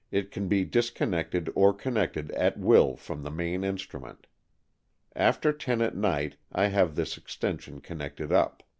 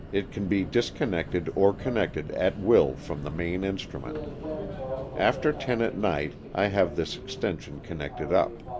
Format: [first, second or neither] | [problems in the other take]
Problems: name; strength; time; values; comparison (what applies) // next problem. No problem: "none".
first | background sound (Subway, metro, underground); 10 dB below the speech